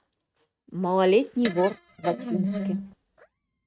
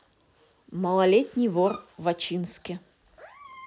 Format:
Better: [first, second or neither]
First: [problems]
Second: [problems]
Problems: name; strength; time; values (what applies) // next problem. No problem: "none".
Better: second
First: noise reduction (neural mask model RNNoise)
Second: none